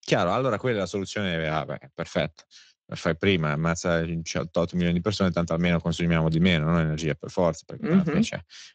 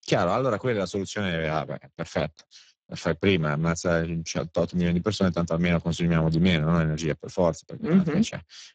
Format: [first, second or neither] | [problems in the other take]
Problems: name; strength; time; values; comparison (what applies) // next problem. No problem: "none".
first | garbled, watery; badly; nothing above 7.5 kHz; slightly in the first